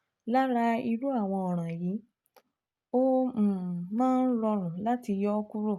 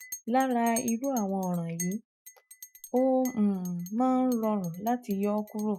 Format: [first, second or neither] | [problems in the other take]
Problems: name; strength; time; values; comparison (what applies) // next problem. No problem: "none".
first | noise reduction (classical method Wiener filter)